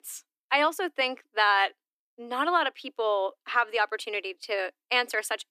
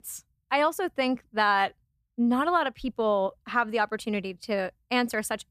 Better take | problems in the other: second | thin; somewhat; fading below 300 Hz

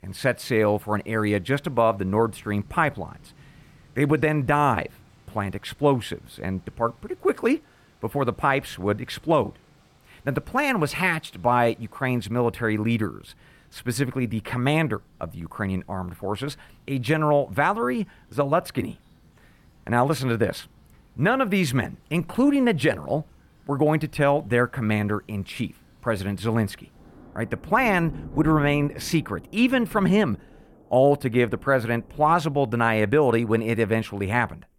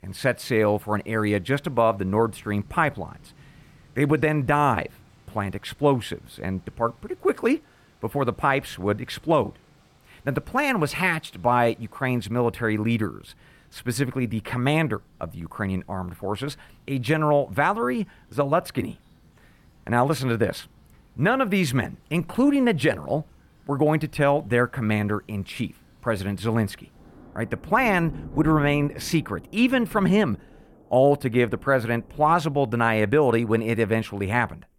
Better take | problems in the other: neither | rain or running water; faint; throughout; 25 dB below the speech; the same in both

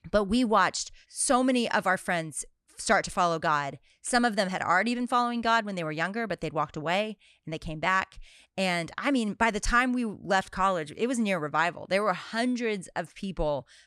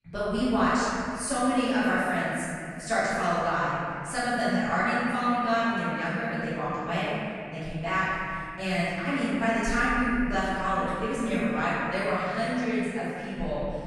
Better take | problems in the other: first | room echo; strong; dies away in 3 s // off-mic speech; far

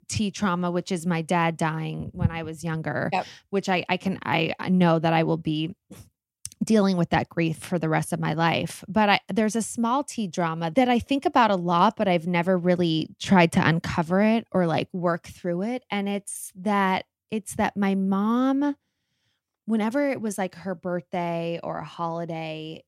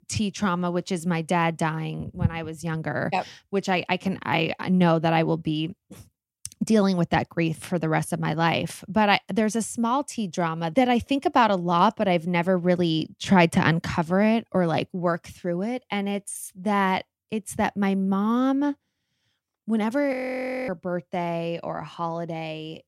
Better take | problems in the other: first | audio freezing; at 20 s for 0.5 s

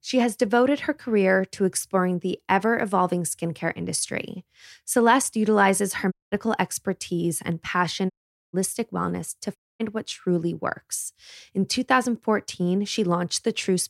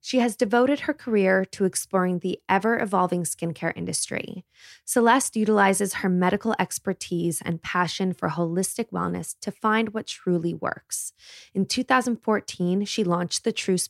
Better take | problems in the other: second | audio cutting out; at 6 s, at 8 s and at 9.5 s

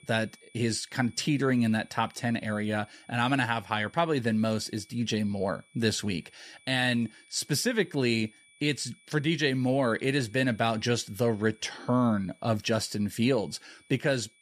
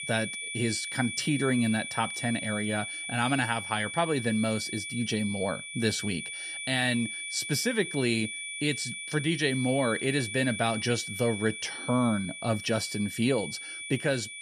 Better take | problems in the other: first | high-pitched whine; loud; throughout; 2.5 kHz, 6 dB below the speech; faint in the first

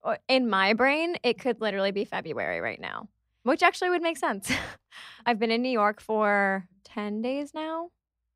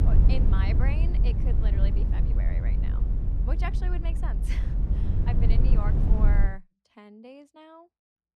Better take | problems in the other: first | low rumble; loud; until 6.5 s; 1 dB below the speech

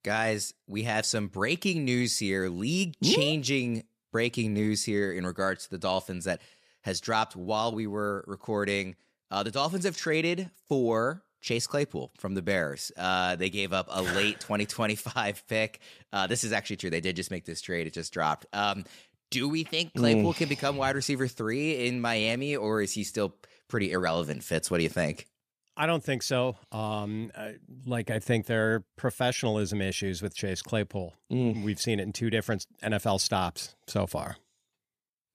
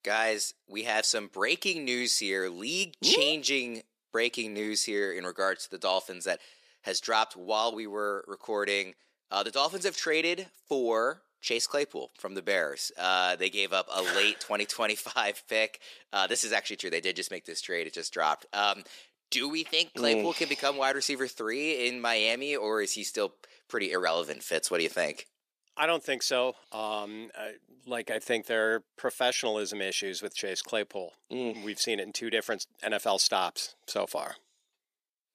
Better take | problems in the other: first | thin; somewhat; fading below 350 Hz

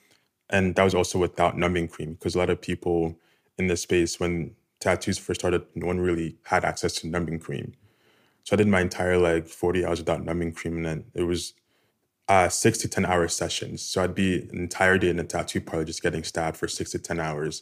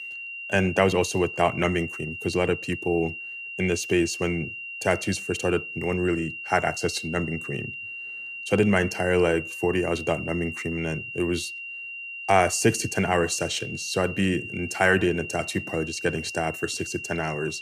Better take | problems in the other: first | high-pitched whine; loud; throughout; 3 kHz, 8 dB below the speech

